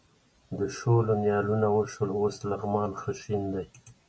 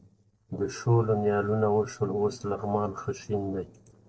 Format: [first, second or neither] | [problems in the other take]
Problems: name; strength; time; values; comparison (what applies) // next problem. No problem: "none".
first | noise reduction (neural separator model SepFormer DNS4)